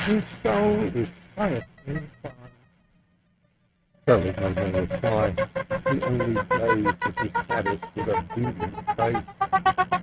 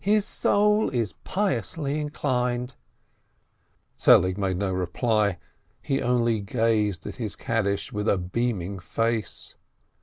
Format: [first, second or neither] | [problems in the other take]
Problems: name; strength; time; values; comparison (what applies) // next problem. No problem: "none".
second | noise reduction (neural mask model RNNoise)